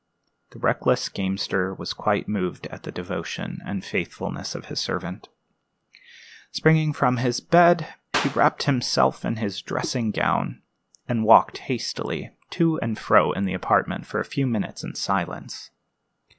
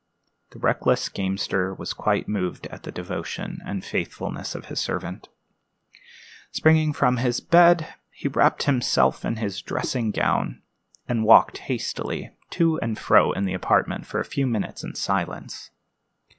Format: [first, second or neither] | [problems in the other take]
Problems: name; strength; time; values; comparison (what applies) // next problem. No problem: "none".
second | background sound (Clapping); 4 dB below the speech